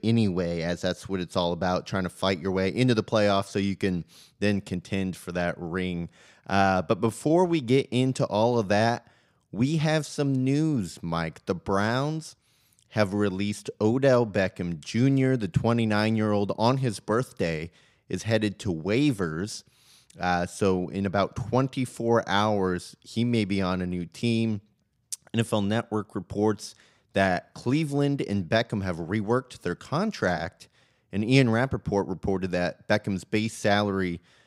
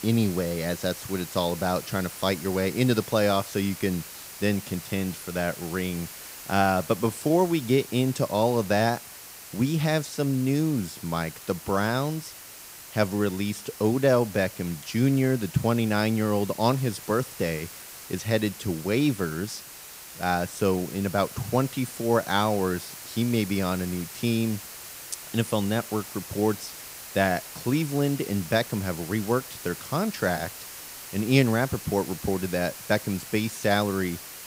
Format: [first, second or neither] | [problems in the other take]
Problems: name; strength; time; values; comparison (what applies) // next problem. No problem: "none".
first | hiss; noticeable; throughout; 10 dB below the speech